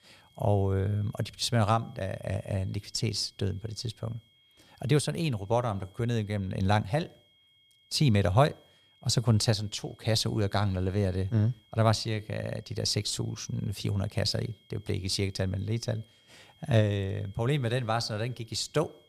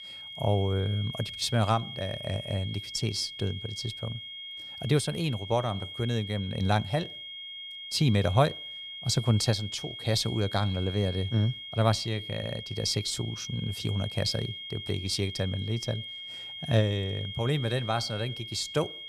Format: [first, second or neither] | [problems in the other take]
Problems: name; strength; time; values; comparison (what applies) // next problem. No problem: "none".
first | high-pitched whine; loud; throughout; 3.5 kHz, 9 dB below the speech; faint in the first